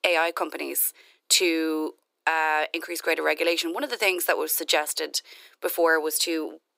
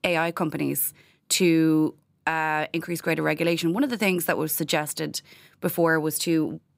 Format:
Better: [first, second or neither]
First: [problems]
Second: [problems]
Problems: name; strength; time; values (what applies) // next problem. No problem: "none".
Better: second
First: thin; very; fading below 350 Hz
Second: none